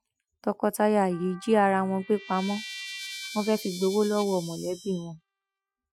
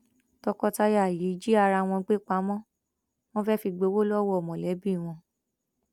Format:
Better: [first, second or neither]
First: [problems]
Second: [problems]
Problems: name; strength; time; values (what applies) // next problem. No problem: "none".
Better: second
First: noise reduction (classical method Wiener filter)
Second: none